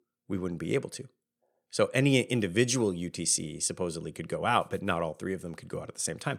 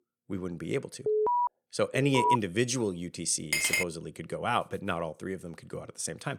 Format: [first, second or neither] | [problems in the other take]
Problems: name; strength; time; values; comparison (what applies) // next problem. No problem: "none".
first | alarm; loud; at 1 s and at 2 s; peak 5 dB above the speech // clattering dishes; loud; at 3.5 s; peak 6 dB above the speech